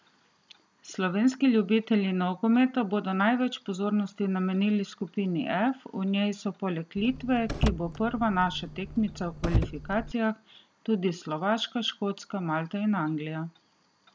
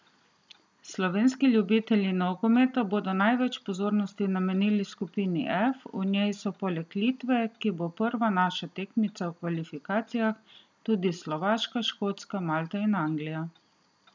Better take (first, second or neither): second